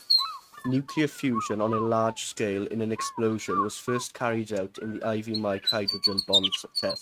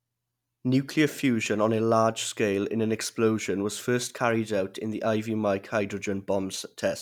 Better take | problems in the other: second | noise reduction (neural mask model RNNoise)

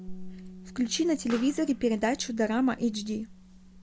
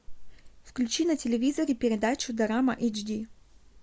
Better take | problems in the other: second | background sound (Explosion + Bass guitar); 17 dB below the speech

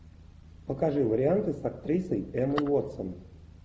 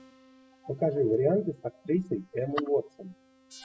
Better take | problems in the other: first | noise reduction (classical method spectral subtraction)

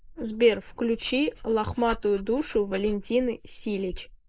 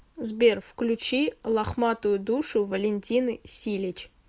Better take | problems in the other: second | noise reduction (neural mask model Resemble Enhance denoiser)

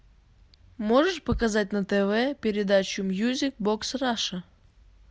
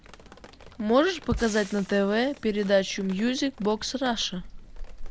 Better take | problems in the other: first | background sound (Drip + Frying (food)); 15 dB below the speech

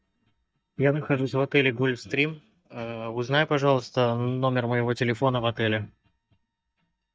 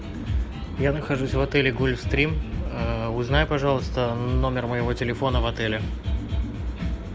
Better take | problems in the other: second | noise reduction (neural mask model DeepFilterNet 3)

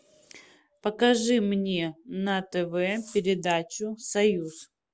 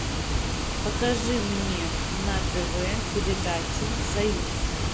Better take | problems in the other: first | background sound (Water); 4 dB above the speech

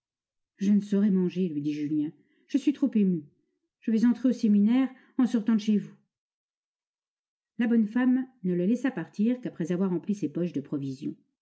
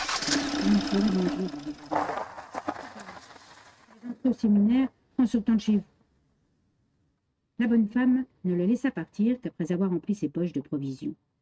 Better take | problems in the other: first | noise reduction (neural mask model RNNoise)

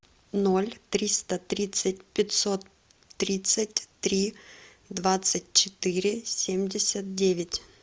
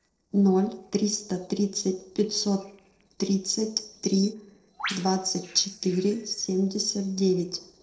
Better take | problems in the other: first | noise reduction (neural separator model SepFormer DNS4)

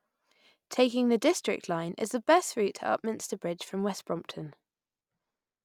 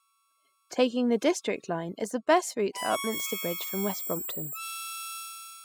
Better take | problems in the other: first | noise reduction (classical method spectral subtraction)

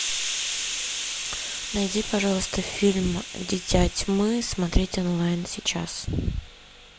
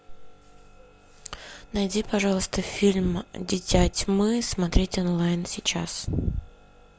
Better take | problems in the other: second | background sound (Hiss); 8 dB below the speech

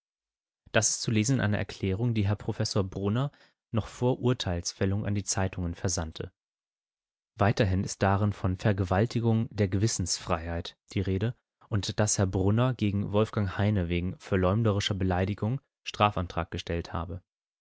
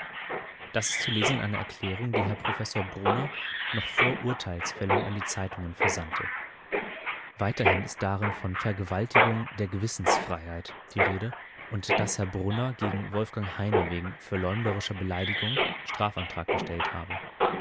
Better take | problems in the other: first | background sound (Mechanisms); 1 dB above the speech

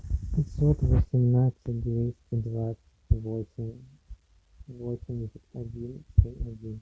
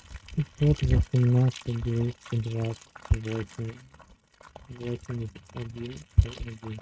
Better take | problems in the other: first | noise reduction (neural mask model RNNoise)

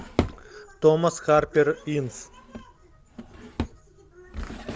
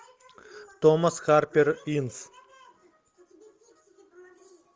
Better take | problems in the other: second | background sound (Drawer open or close); 9 dB below the speech

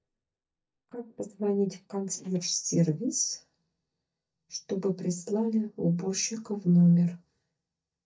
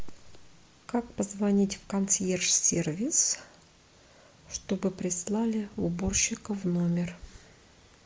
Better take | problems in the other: second | noise reduction (neural mask model DeepFilterNet 3)

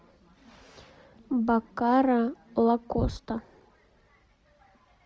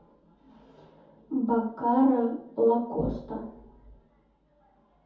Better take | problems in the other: first | room echo; dies away in 0.6 s

